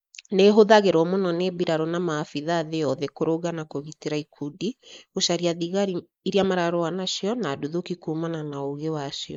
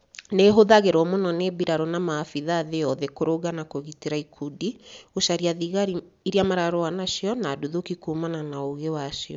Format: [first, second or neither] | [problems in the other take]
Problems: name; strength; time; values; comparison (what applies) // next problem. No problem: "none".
second | noise reduction (neural mask model Resemble Enhance denoiser)